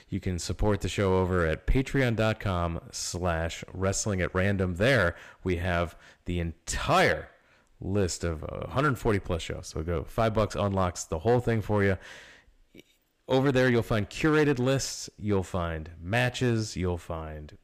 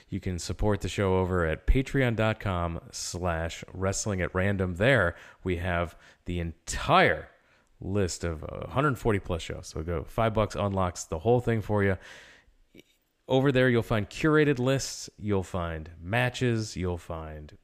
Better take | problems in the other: second | distortion; slight; 3% of the sound clipped

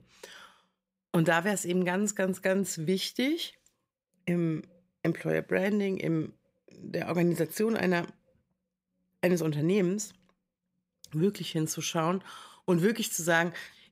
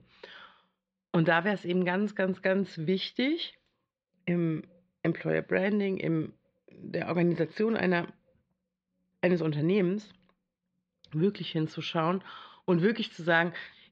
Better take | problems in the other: first | muffled; slightly; fading above 4 kHz

